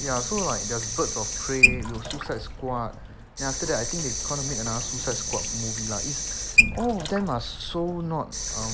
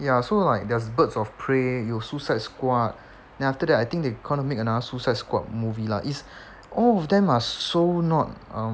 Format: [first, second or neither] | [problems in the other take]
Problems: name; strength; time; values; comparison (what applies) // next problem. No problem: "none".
second | background sound (Sink (filling or washing) / Water tap, faucet); 3 dB above the speech